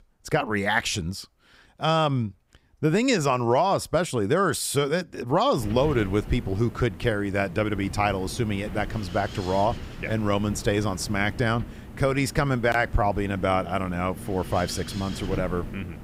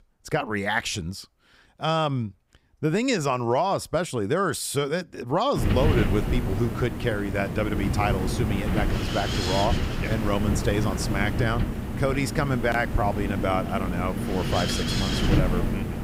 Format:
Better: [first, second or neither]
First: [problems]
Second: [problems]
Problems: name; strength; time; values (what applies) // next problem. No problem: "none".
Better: first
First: wind noise on the microphone; occasional gusts; from 5.5 s on; 15 dB below the speech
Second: wind noise on the microphone; heavy; from 5.5 s on; 5 dB below the speech